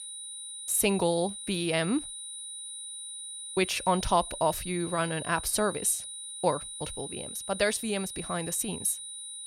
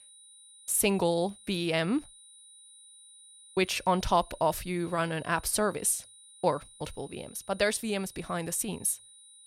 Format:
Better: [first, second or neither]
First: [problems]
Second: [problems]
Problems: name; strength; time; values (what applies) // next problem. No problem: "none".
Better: second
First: high-pitched whine; loud; throughout; 9.5 kHz, 8 dB below the speech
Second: high-pitched whine; faint; throughout; 9.5 kHz, 20 dB below the speech